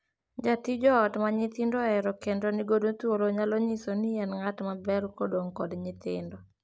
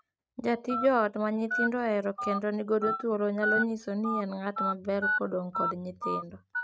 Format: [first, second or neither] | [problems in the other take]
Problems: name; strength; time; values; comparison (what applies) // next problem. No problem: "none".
first | noise reduction (neural mask model RNNoise)